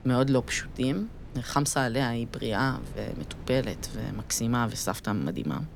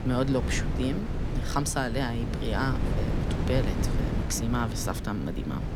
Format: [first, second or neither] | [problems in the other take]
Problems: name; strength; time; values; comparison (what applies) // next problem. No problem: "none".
first | wind noise on the microphone; heavy; 6 dB below the speech; occasional gusts in the first